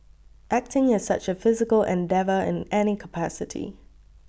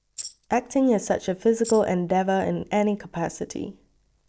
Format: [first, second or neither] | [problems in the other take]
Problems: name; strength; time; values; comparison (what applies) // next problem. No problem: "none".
first | noise reduction (neural separator model SepFormer DNS4)